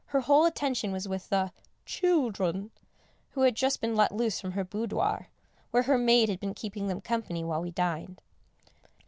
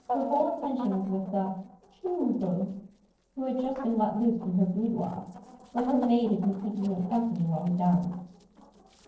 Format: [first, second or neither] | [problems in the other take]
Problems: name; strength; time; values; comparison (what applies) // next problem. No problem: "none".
first | noise reduction (neural separator model SepFormer DNS4)